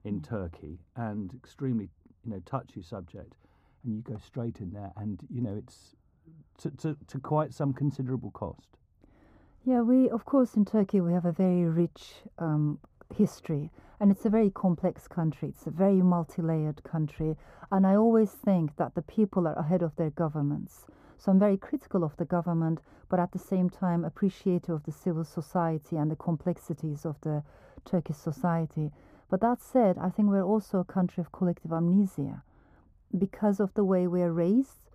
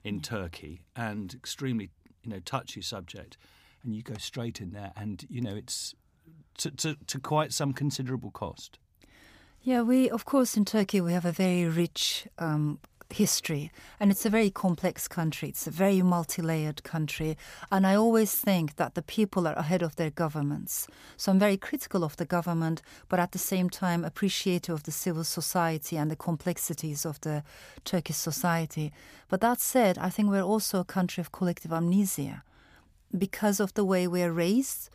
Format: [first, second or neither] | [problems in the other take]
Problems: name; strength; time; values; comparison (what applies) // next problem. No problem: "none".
second | muffled; very; fading above 1.5 kHz